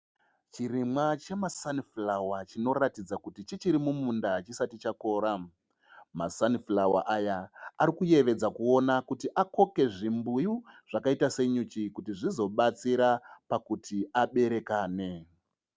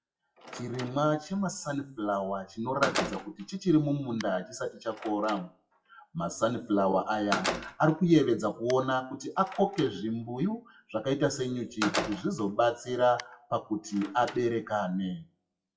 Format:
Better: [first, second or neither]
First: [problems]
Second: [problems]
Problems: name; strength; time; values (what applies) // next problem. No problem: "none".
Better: first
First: none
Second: noise reduction (classical method WPE with log-MMSE)